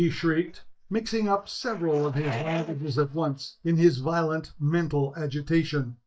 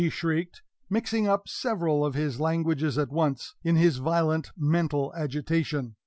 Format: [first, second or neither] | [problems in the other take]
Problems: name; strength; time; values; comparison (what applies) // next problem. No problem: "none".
second | noise reduction (neural mask model DeepFilterNet 3)